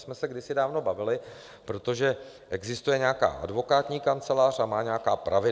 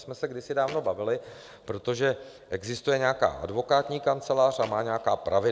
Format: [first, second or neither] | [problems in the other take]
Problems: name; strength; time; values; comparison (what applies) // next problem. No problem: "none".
first | background sound (Thump, thud); 18 dB below the speech